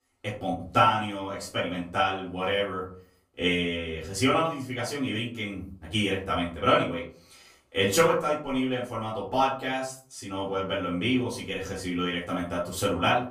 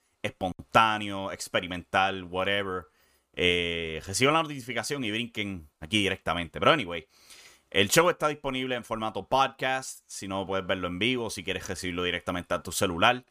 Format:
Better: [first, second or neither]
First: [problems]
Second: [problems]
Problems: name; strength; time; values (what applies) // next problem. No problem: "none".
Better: second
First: room echo; slight; dies away in 0.4 s // off-mic speech; far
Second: none